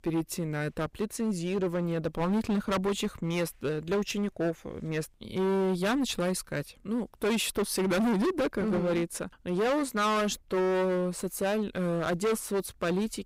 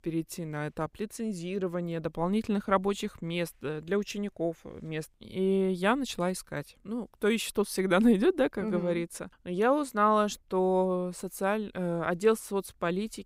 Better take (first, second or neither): second